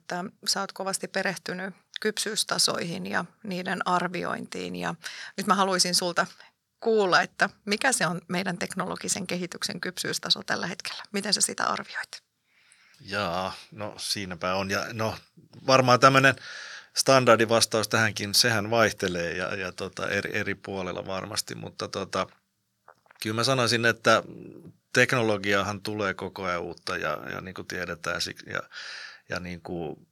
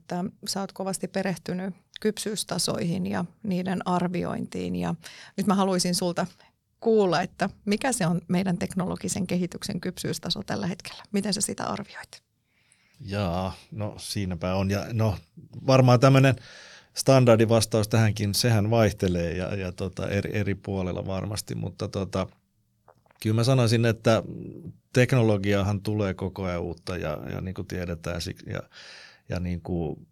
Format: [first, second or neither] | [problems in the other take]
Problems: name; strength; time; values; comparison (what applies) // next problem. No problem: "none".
second | thin; somewhat; fading below 400 Hz